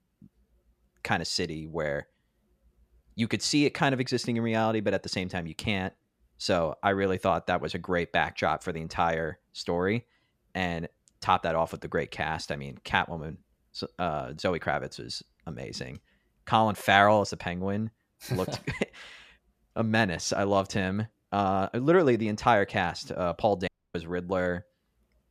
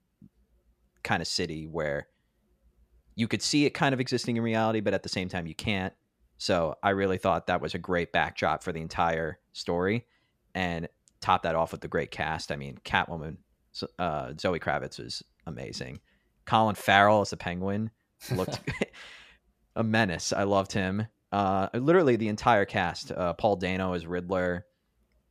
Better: second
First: audio cutting out; at 24 s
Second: none

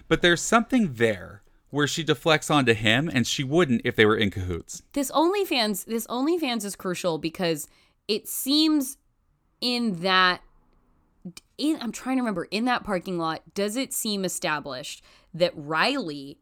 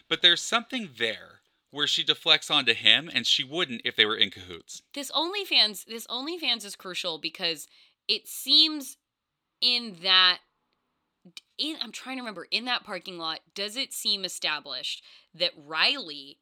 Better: first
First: none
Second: thin; very slightly; fading below 700 Hz

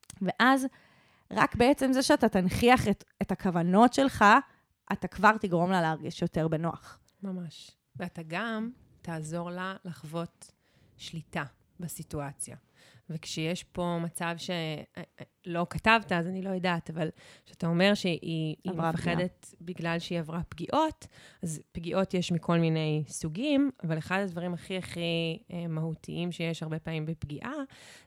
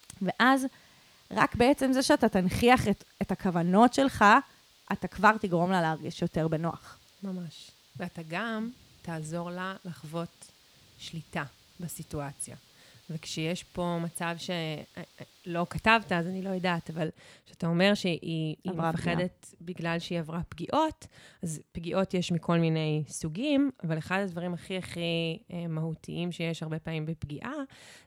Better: first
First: none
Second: hiss; faint; until 17 s; 30 dB below the speech

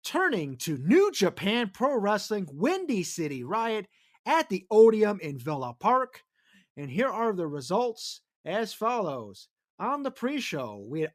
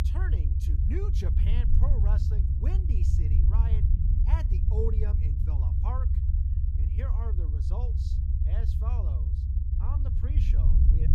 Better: first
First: none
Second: low rumble; loud; throughout; as loud as the speech

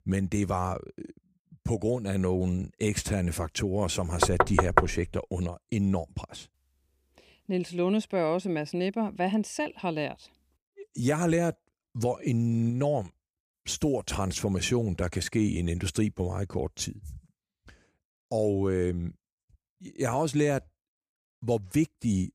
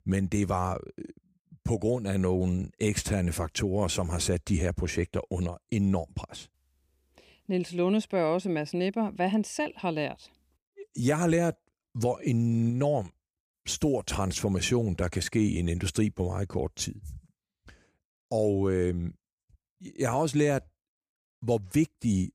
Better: second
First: door banging; loud; at 4 s; peak 5 dB above the speech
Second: none

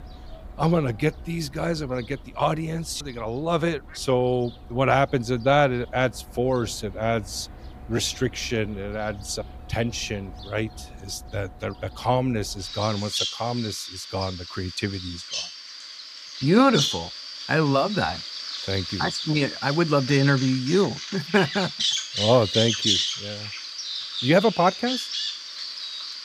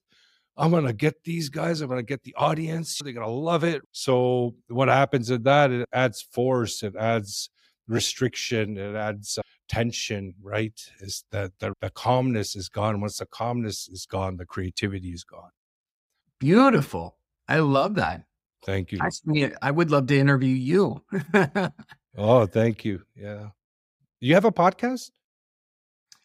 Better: second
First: animal sounds; loud; throughout; 4 dB below the speech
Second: none

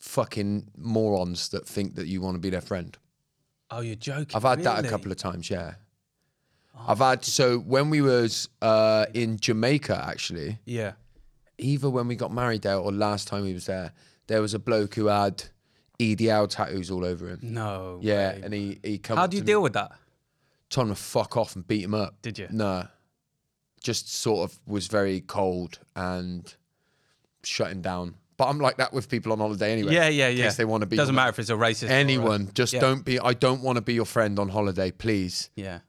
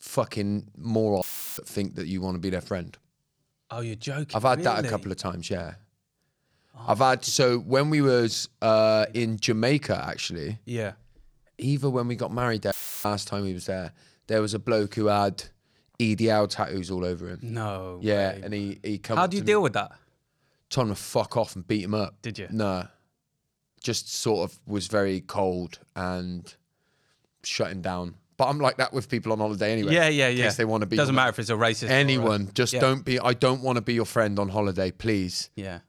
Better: first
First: none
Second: audio cutting out; filled with static; at 1 s and at 13 s

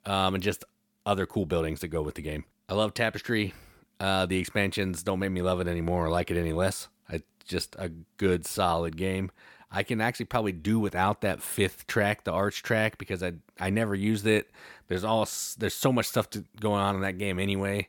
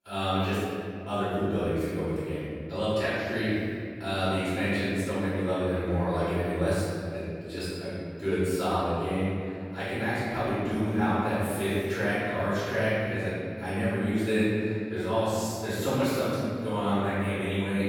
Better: first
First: none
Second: off-mic speech; far // room echo; strong; dies away in 2.5 s

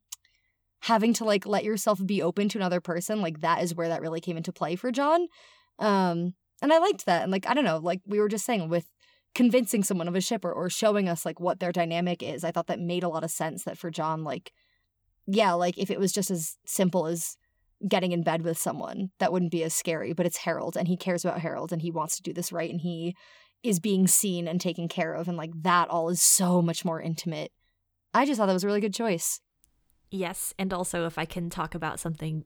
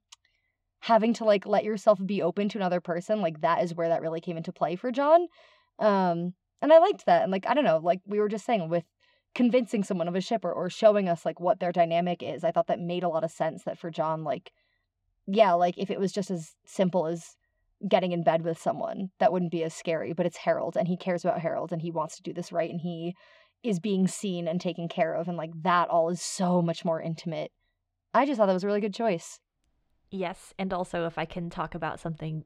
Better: first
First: none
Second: muffled; very; fading above 4 kHz

